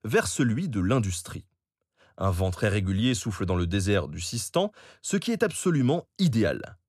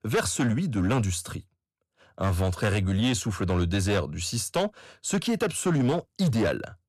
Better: first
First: none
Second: distortion; slight; 10% of the sound clipped

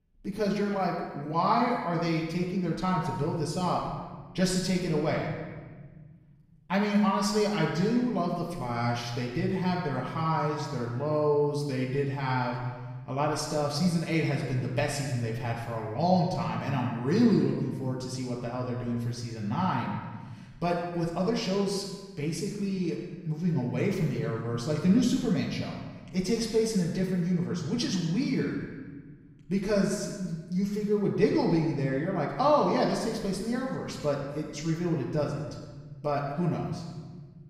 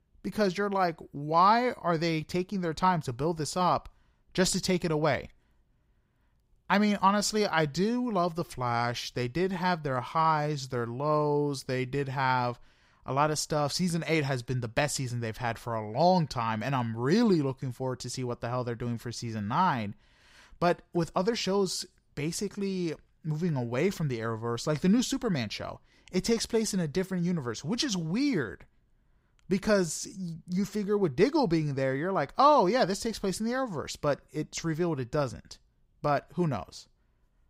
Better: second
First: off-mic speech; far // room echo; noticeable; dies away in 1.3 s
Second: none

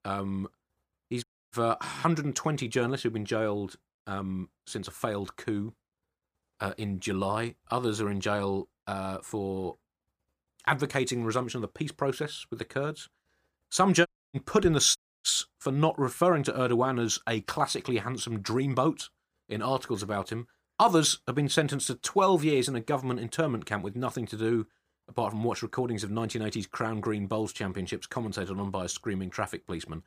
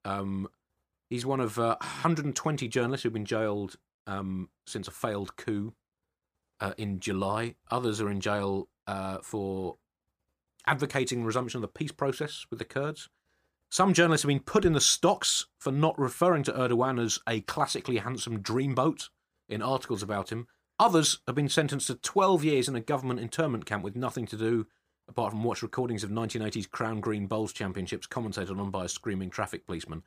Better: second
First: audio cutting out; at 1 s, at 14 s and at 15 s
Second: none

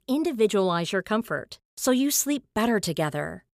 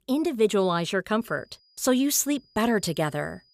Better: first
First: none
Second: high-pitched whine; faint; from 1 s on; 5 kHz, 35 dB below the speech

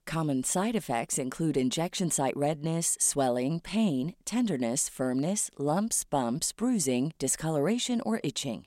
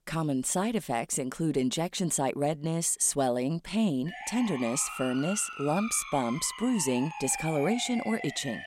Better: first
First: none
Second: siren; noticeable; from 4 s on; peak 7 dB below the speech

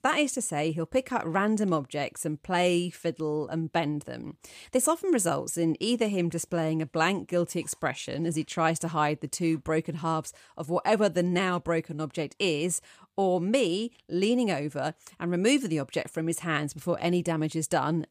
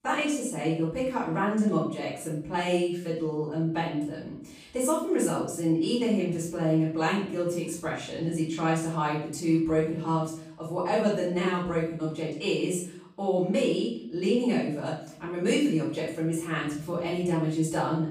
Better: first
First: none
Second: room echo; noticeable; dies away in 0.6 s // off-mic speech; far

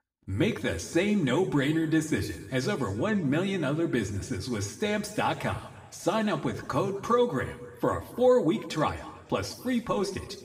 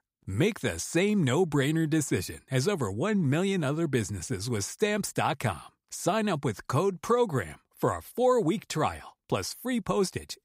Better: second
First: room echo; slight; dies away in 1.3 s // off-mic speech; somewhat distant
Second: none

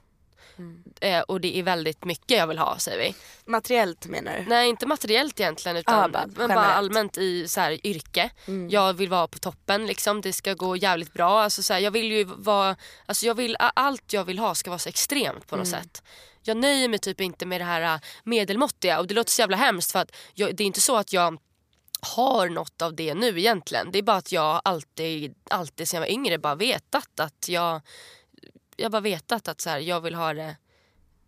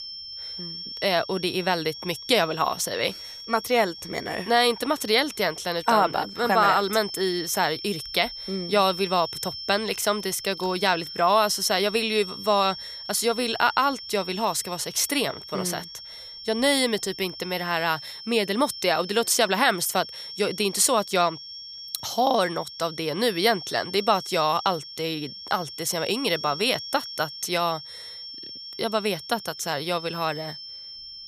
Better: first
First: none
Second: high-pitched whine; noticeable; throughout; 5.5 kHz, 10 dB below the speech

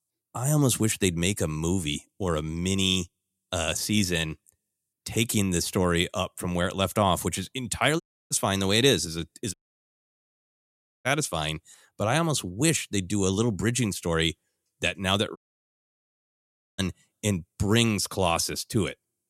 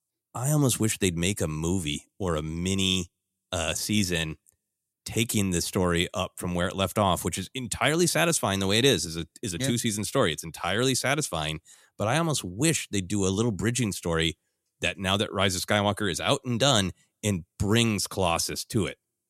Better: second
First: audio cutting out; at 8 s, at 9.5 s for 1.5 s and at 15 s for 1.5 s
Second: none

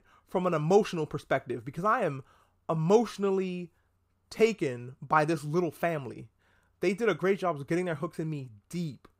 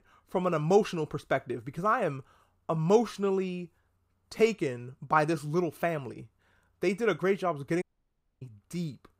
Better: first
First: none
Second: audio cutting out; at 8 s for 0.5 s

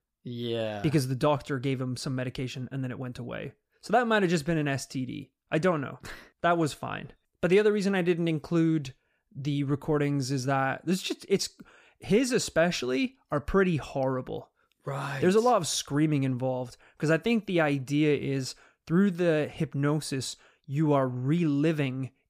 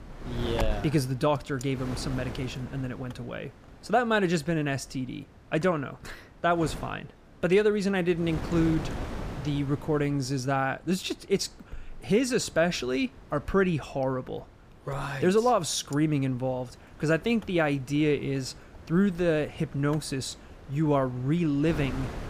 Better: first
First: none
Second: wind noise on the microphone; occasional gusts; 15 dB below the speech

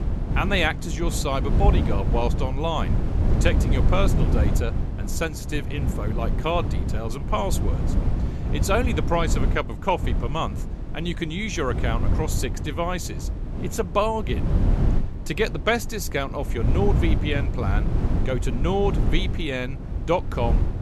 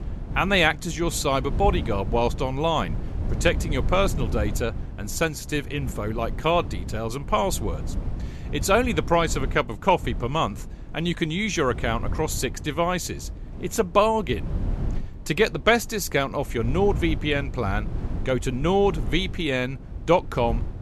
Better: second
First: wind noise on the microphone; heavy; 9 dB below the speech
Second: wind noise on the microphone; occasional gusts; 20 dB below the speech

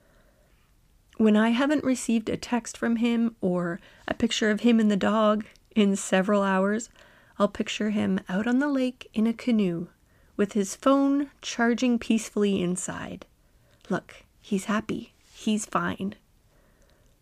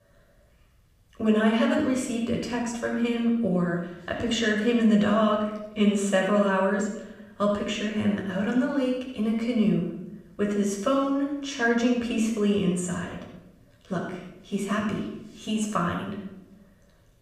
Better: first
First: none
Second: off-mic speech; far // room echo; noticeable; dies away in 0.7 s

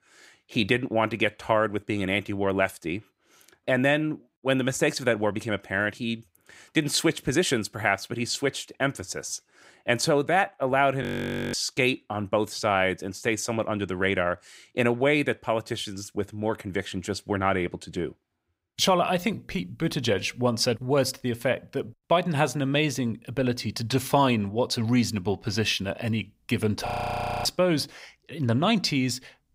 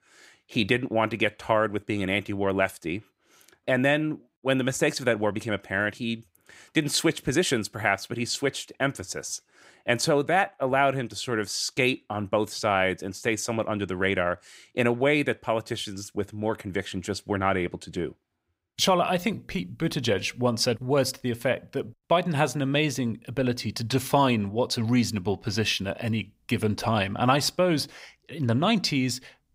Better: second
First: audio freezing; at 11 s for 0.5 s and at 27 s for 0.5 s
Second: none

